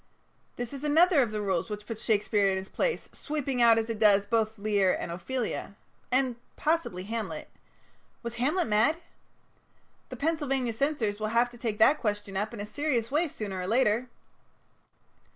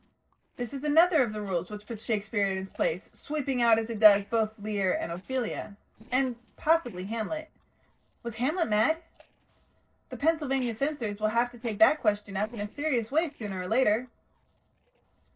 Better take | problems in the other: first | noise reduction (neural separator model SepFormer DNS4)

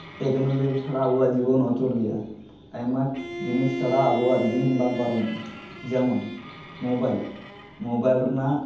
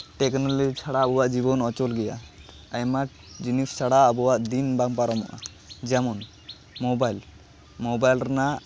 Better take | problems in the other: second | background sound (Bowed string instrument); 12 dB below the speech // room echo; dies away in 0.8 s

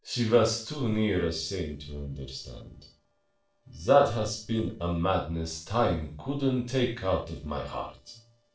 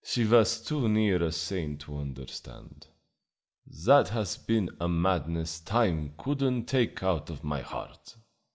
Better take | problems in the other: second | noise reduction (neural separator model SepFormer DNS4)

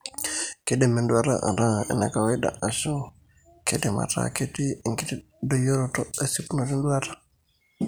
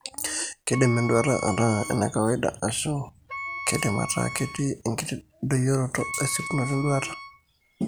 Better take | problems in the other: first | background sound (Wind instrument, woodwind instrument); 12 dB below the speech

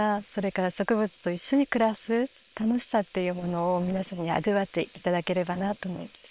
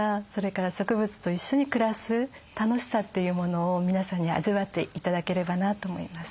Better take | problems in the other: second | noise reduction (neural separator model SepFormer WHAM!)

